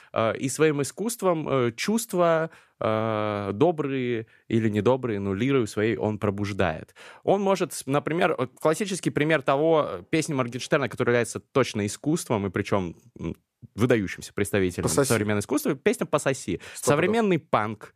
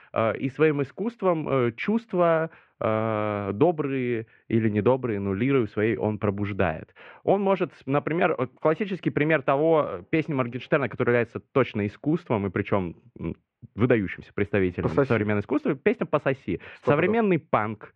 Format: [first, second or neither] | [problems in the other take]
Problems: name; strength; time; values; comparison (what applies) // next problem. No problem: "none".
first | muffled; very; fading above 2.5 kHz